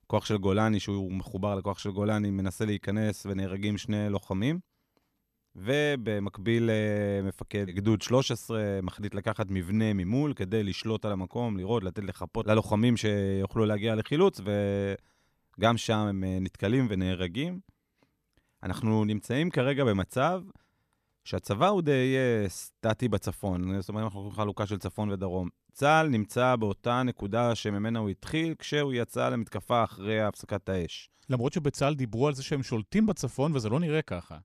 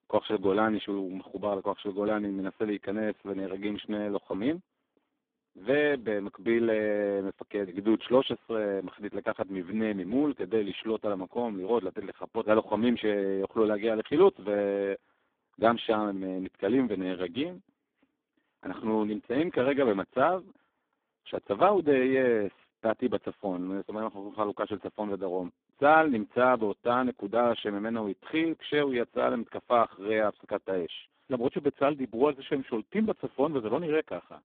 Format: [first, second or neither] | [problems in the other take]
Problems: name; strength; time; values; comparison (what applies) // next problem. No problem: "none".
first | phone-call audio; poor line